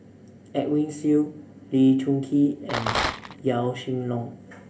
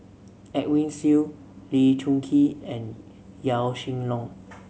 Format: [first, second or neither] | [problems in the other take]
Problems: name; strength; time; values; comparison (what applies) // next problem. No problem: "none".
second | background sound (Rattle); 3 dB below the speech // room echo; dies away in 0.3 s